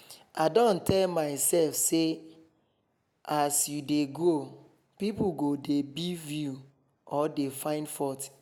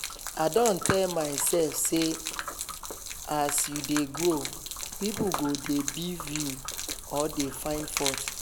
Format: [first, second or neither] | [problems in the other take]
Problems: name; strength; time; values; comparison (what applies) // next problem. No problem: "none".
first | background sound (Gurgling / Liquid); 6 dB below the speech